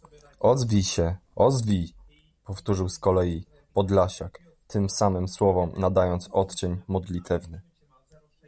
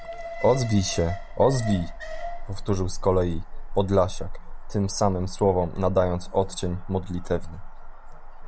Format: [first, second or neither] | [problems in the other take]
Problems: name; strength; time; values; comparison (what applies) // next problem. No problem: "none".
first | background sound (Alarm); 7 dB below the speech